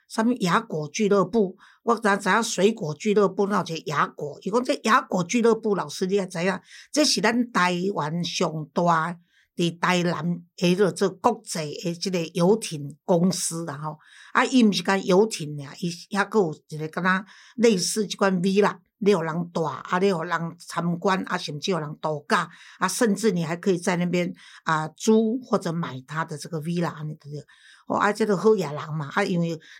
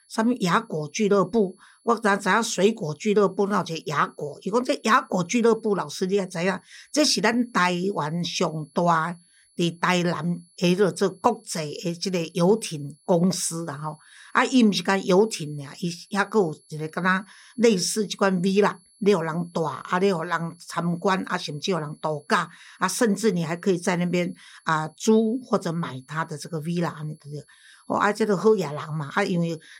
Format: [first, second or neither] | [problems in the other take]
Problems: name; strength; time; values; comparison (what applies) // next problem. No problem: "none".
first | high-pitched whine; faint; throughout; 11 kHz, 35 dB below the speech